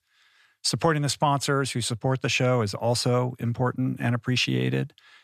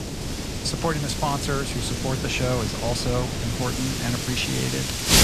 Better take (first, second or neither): first